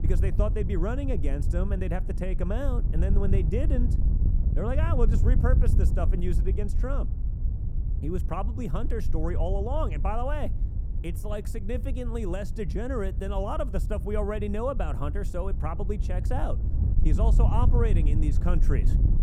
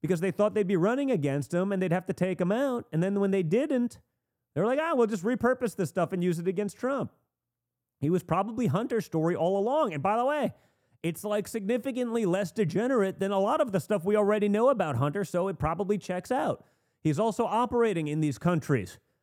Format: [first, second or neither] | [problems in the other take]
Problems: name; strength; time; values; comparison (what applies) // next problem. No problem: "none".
second | wind noise on the microphone; heavy; 10 dB below the speech